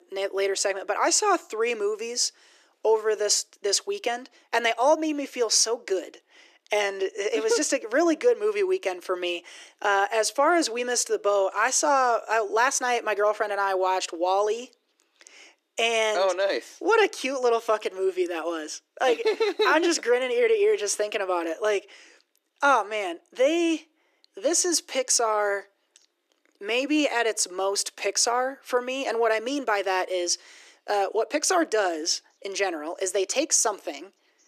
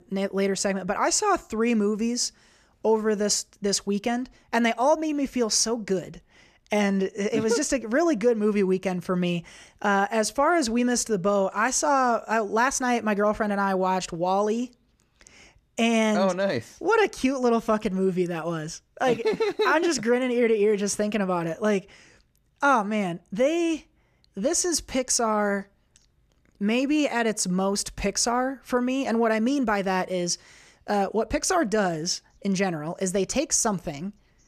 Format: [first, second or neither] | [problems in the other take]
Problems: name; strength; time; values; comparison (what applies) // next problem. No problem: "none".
second | thin; somewhat; fading below 300 Hz